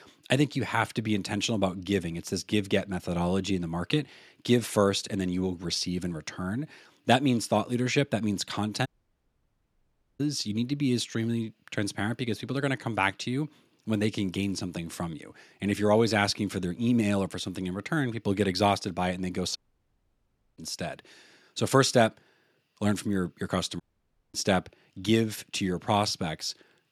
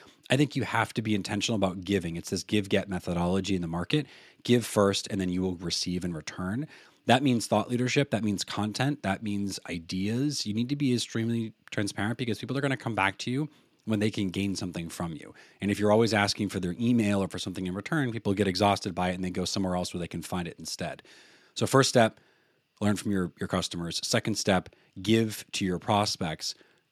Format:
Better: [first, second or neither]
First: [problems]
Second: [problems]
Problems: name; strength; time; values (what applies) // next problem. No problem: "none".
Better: second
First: audio cutting out; at 9 s for 1.5 s, at 20 s for 1 s and at 24 s for 0.5 s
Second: none